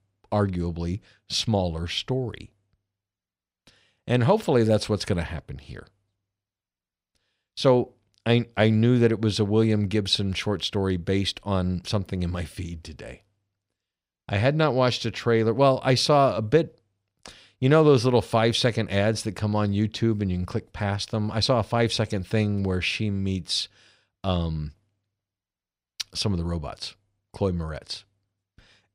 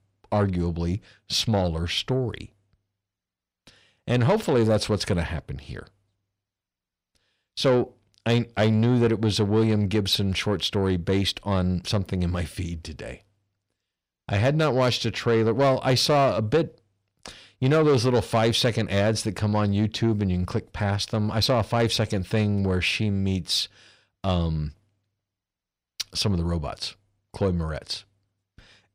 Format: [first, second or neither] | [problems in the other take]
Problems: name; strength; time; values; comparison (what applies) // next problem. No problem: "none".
first | distortion; slight; 10 dB below the speech